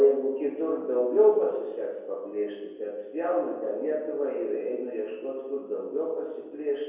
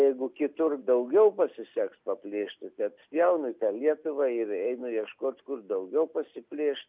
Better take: second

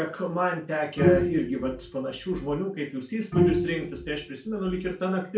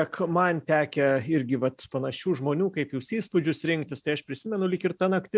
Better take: second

